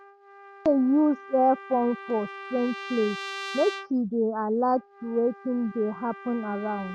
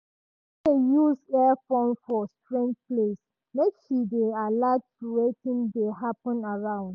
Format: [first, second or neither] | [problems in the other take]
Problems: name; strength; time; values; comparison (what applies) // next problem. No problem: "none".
second | background sound (Trumpet); 14 dB below the speech